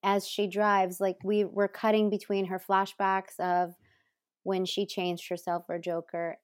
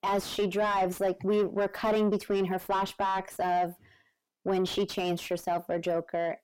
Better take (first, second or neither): first